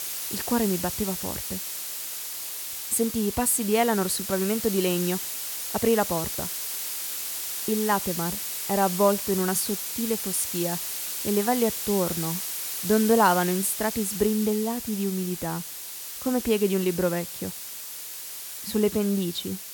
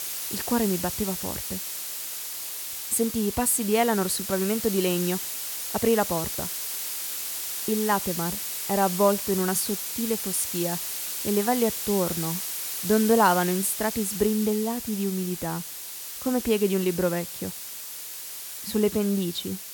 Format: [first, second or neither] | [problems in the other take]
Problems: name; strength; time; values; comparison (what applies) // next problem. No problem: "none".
neither | hiss; loud; throughout; 4 dB below the speech; the same in both